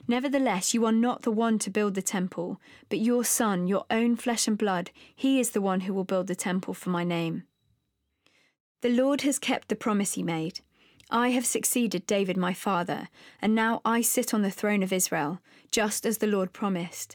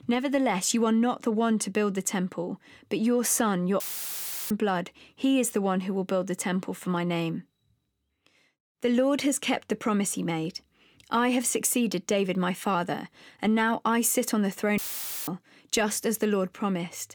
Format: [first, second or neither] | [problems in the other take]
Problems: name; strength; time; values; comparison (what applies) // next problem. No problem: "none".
first | audio cutting out; filled with static; at 4 s for 0.5 s and at 15 s